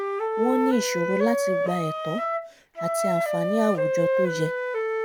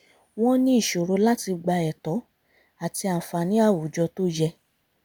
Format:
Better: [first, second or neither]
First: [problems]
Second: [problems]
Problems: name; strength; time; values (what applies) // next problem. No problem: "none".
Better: second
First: background sound (Wind instrument, woodwind instrument); 2 dB above the speech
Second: none